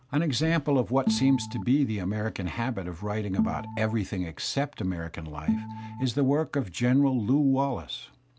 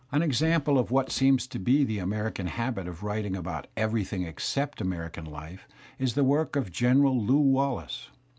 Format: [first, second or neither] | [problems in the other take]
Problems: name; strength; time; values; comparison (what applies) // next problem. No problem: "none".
second | background sound (Organ); 6 dB below the speech